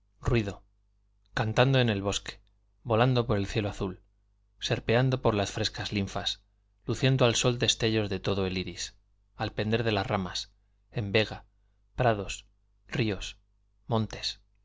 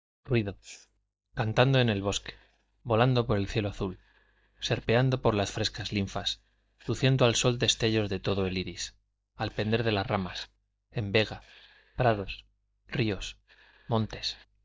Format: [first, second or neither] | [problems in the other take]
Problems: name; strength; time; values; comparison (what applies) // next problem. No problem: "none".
first | noise reduction (neural mask model DeepFilterNet 3)